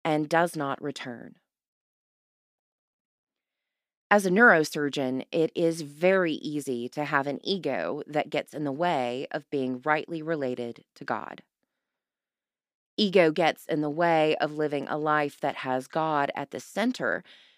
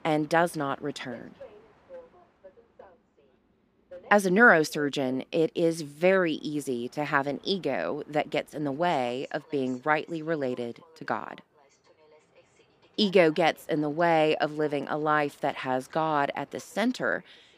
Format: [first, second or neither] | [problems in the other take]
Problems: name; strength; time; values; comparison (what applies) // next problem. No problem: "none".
first | train or aircraft noise; faint; throughout; 25 dB below the speech